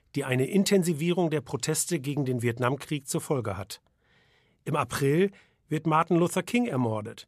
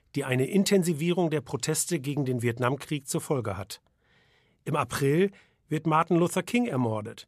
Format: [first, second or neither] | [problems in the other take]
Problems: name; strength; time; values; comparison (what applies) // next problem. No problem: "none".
neither | none